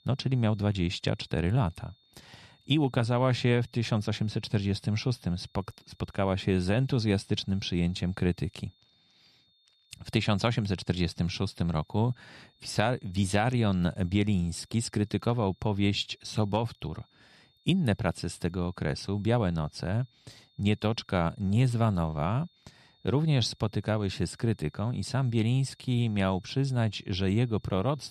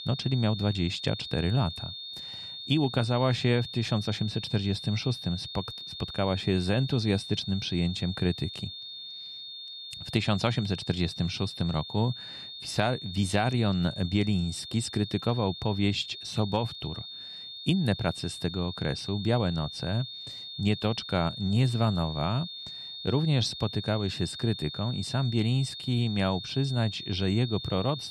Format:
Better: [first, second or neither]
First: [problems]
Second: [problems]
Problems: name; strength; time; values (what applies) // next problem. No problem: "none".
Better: first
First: high-pitched whine; faint; throughout; 3.5 kHz, 35 dB below the speech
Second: high-pitched whine; loud; throughout; 3.5 kHz, 9 dB below the speech